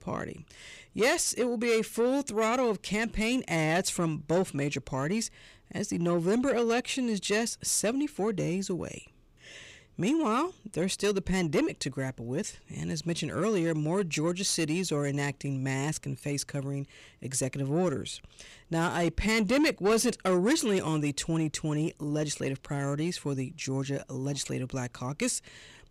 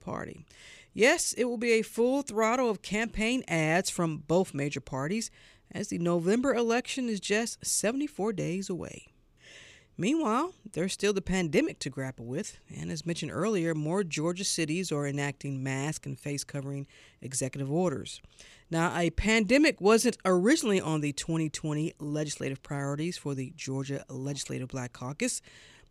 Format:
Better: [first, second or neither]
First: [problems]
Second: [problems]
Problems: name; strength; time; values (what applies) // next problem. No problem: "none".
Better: second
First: distortion; slight; 10 dB below the speech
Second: none